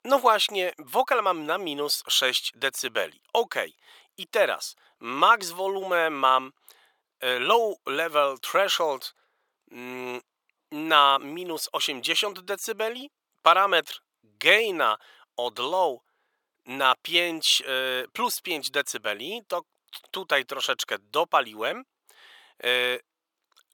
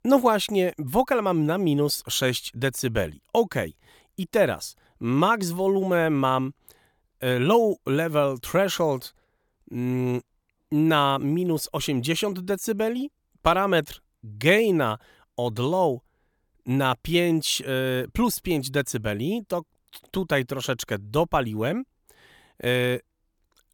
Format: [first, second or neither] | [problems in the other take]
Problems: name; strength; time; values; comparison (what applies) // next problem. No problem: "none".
second | thin; very; fading below 600 Hz